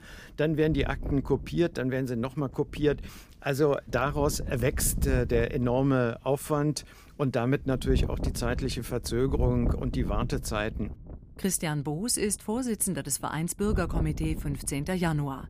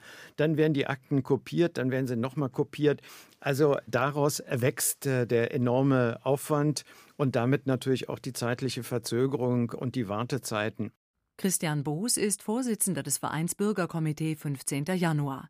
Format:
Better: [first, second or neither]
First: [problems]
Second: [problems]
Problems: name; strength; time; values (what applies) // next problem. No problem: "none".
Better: second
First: wind noise on the microphone; occasional gusts; 15 dB below the speech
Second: none